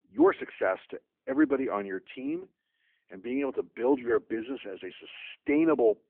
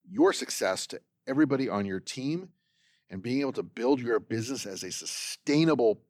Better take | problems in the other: second | phone-call audio

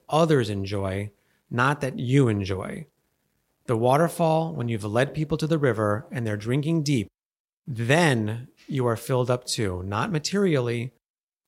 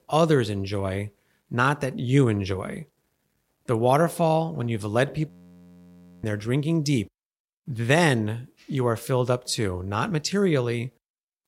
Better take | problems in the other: first | audio freezing; at 5.5 s for 1 s

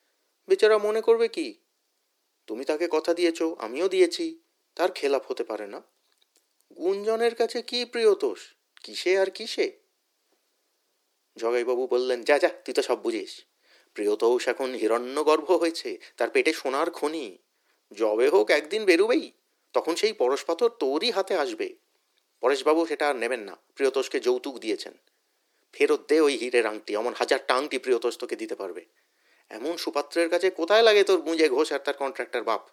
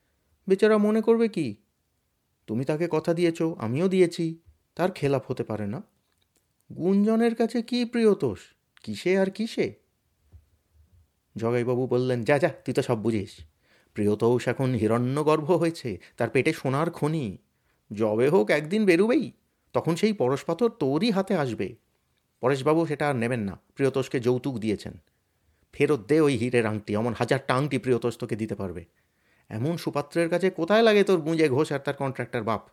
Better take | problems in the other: second | thin; very; fading below 300 Hz

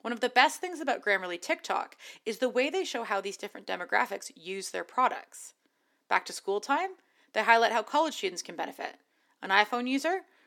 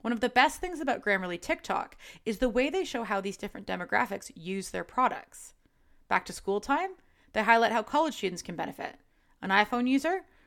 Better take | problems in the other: second | thin; very slightly; fading below 300 Hz

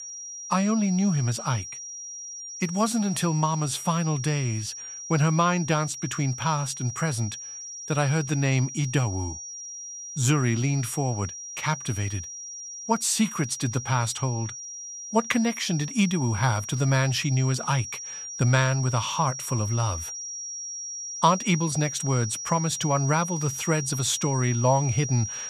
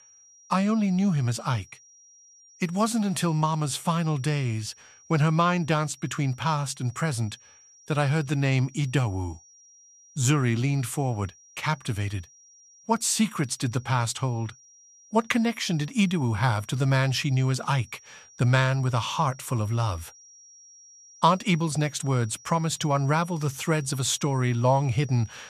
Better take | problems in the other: second | high-pitched whine; loud; throughout; 5.5 kHz, 8 dB below the speech; faint in the second

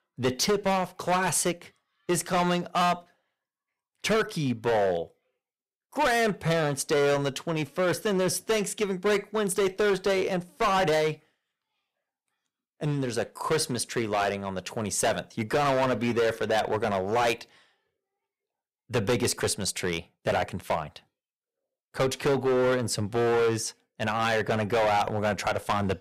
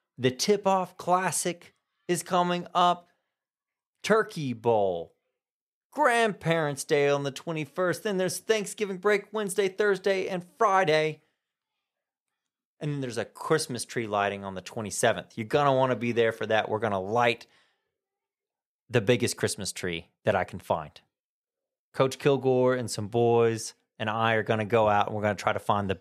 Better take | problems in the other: second | distortion; heavy; 11% of the sound clipped

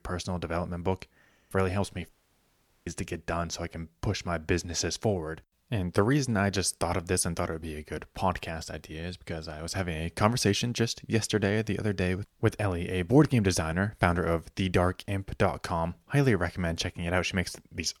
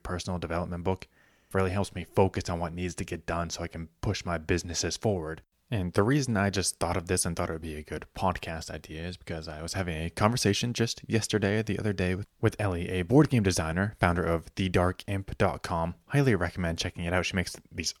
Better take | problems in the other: second | audio cutting out; at 2 s for 1 s

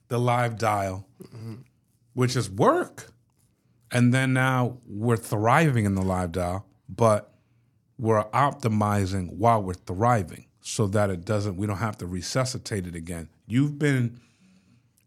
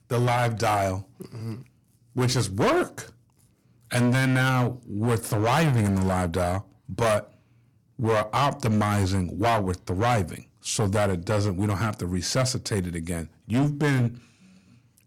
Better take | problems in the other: first | distortion; heavy; 11% of the sound clipped

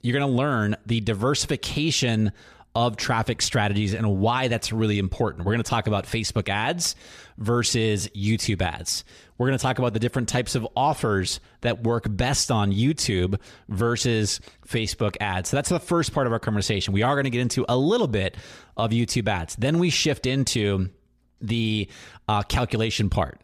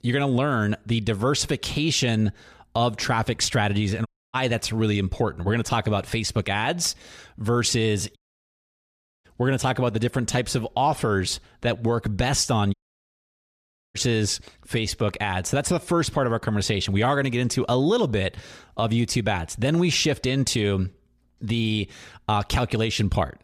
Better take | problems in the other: first | audio cutting out; at 4 s, at 8 s for 1 s and at 13 s for 1 s

